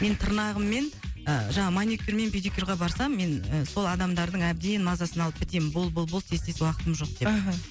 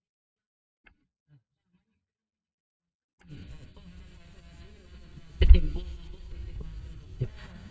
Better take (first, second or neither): first